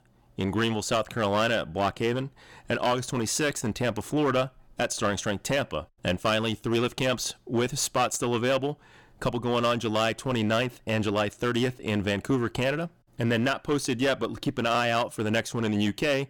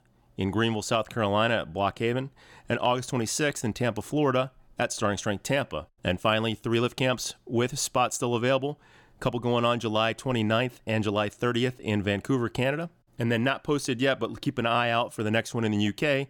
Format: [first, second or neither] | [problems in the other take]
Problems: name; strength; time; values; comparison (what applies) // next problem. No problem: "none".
second | distortion; slight; 8% of the sound clipped